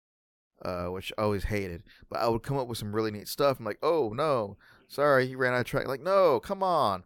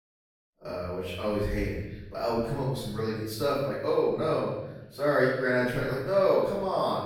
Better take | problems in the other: first | room echo; strong; dies away in 0.9 s // off-mic speech; far

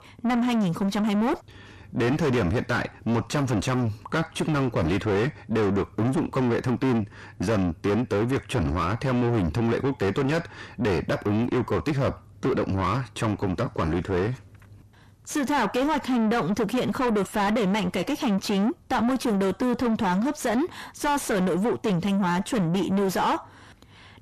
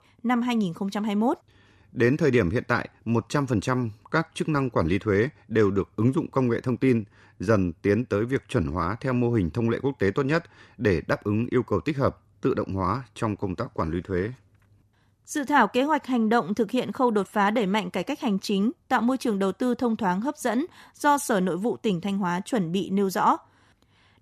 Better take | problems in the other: second | distortion; heavy; 6 dB below the speech

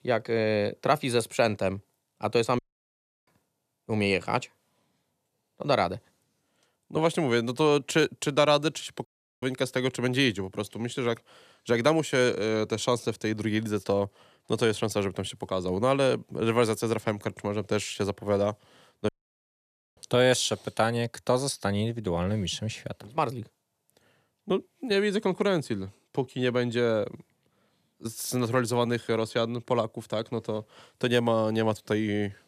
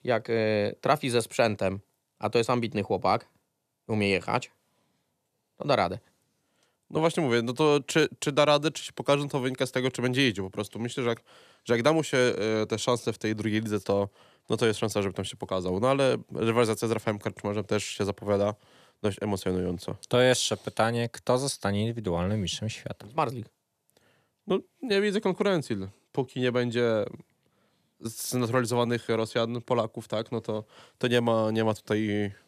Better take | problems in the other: second | audio cutting out; at 2.5 s for 0.5 s, at 9 s and at 19 s for 1 s

